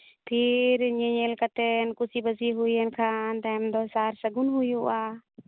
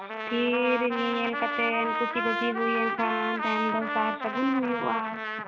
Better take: first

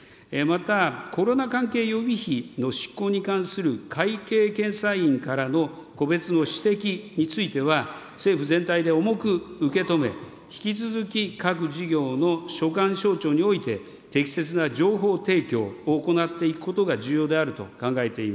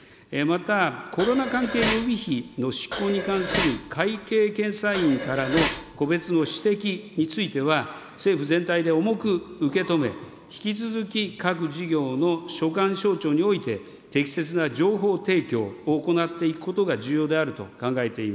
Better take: first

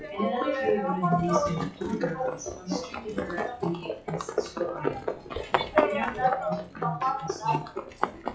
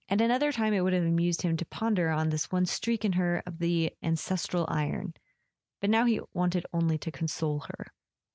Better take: second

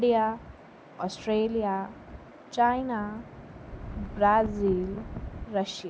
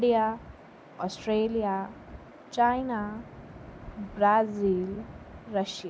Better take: second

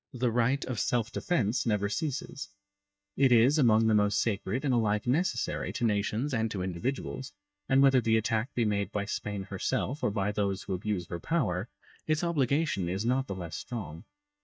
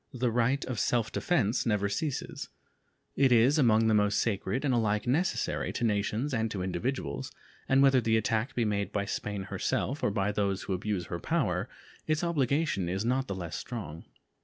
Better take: second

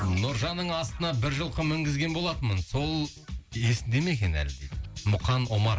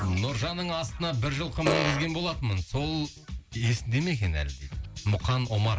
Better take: first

